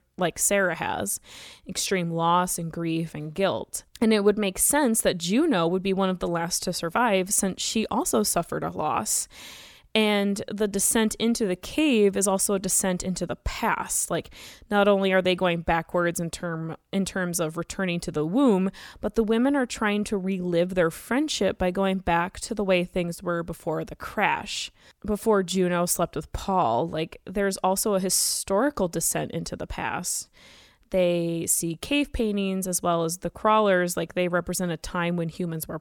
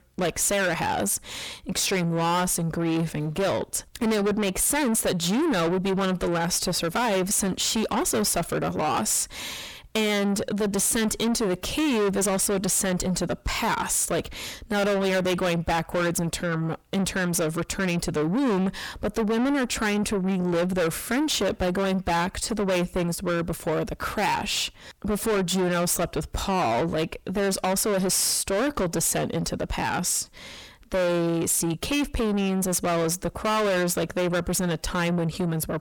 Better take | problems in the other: first | distortion; heavy; 6 dB below the speech

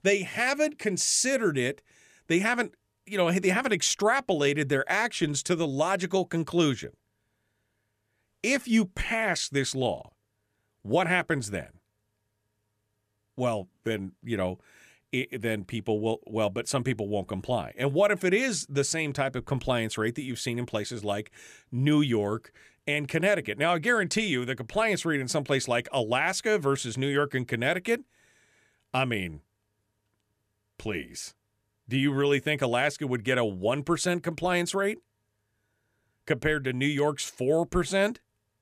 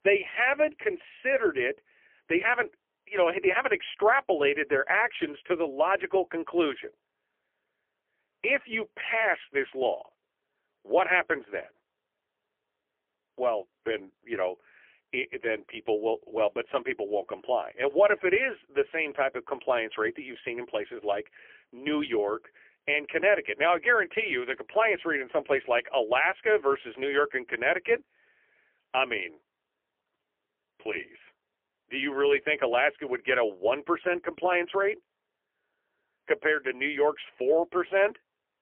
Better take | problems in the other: first | phone-call audio; poor line; nothing above 3 kHz

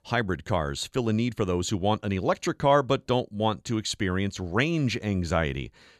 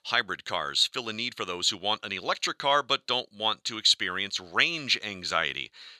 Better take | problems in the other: first | thin; somewhat; fading below 1 kHz

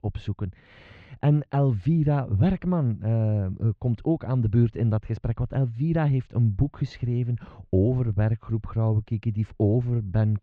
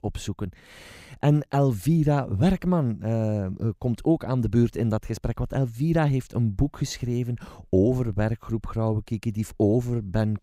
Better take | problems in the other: second | muffled; slightly; fading above 3.5 kHz

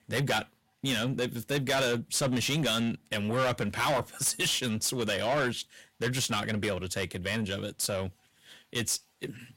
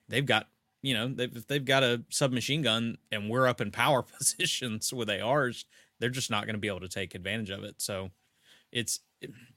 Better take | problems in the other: second | distortion; heavy; 6 dB below the speech

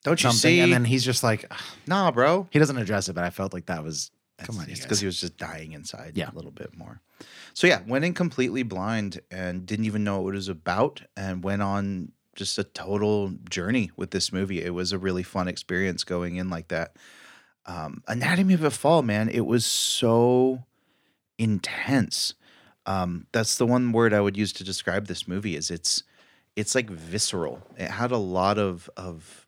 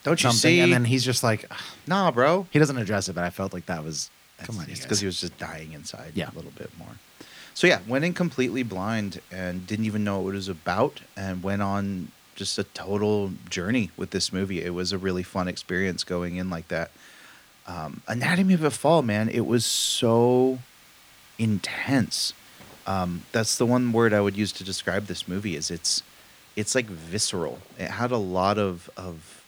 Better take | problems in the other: first | hiss; faint; throughout; 25 dB below the speech

